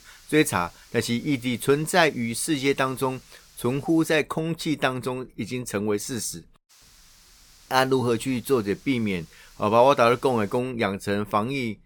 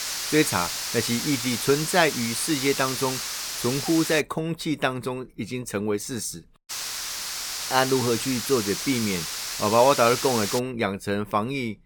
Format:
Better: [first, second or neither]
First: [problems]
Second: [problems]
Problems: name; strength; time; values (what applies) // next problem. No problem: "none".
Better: first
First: hiss; faint; until 4 s and from 6.5 to 11 s; 25 dB below the speech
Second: hiss; loud; until 4 s and from 6.5 to 11 s; 4 dB below the speech